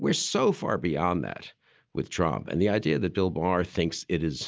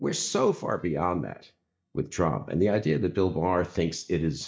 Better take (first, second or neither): first